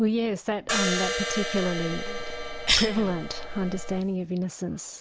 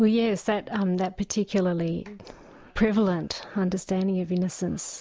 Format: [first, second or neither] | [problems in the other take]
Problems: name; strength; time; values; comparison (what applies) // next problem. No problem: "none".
second | background sound (Cough + Crash cymbal); 1 dB below the speech